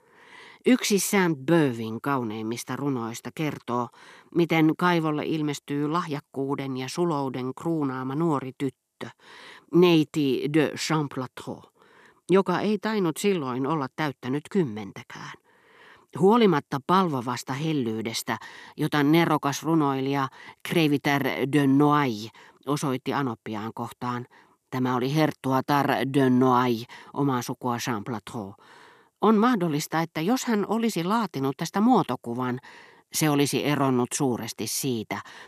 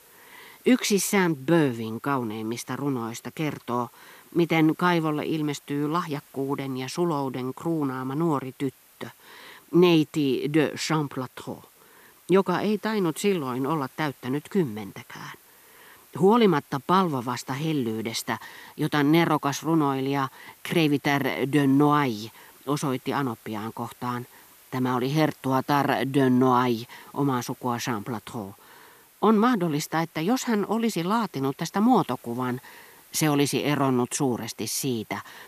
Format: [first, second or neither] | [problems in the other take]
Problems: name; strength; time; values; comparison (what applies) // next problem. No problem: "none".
first | hiss; faint; throughout; 25 dB below the speech